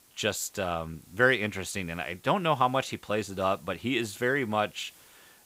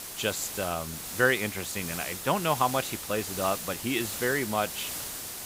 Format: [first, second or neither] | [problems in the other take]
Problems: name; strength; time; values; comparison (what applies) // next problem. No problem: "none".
first | hiss; loud; throughout; 5 dB below the speech; faint in the first